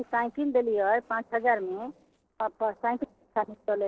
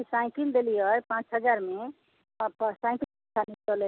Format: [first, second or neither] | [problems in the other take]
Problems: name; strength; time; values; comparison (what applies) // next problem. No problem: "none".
second | noise reduction (neural separator model SepFormer DNS4)